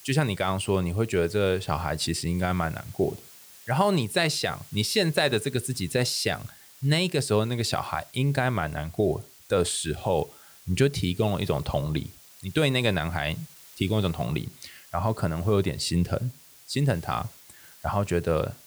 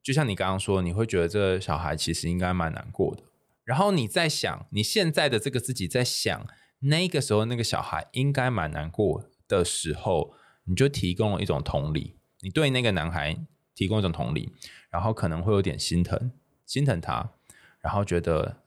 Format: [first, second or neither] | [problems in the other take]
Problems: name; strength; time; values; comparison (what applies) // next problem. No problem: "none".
second | hiss; faint; throughout; 20 dB below the speech